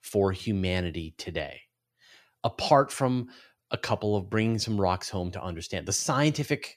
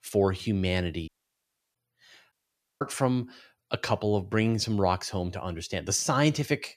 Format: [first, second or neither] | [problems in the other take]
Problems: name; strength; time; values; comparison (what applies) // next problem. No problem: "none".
first | audio cutting out; at 1 s for 0.5 s and at 2.5 s